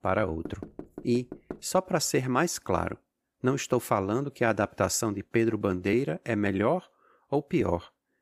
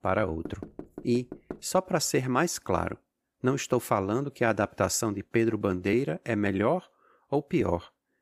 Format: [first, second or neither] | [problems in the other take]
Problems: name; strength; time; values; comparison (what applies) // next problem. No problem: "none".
neither | door banging; faint; until 1.5 s; peak 15 dB below the speech; the same in both